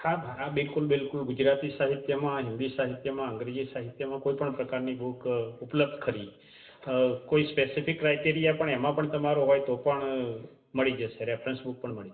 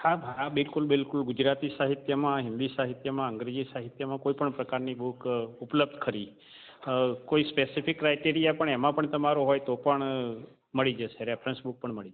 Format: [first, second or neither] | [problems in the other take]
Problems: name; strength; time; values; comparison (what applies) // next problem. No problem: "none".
second | room echo; dies away in 0.6 s